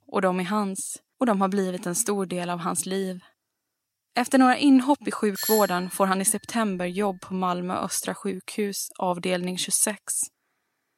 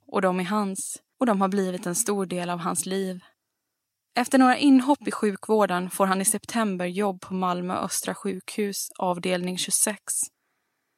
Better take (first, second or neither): second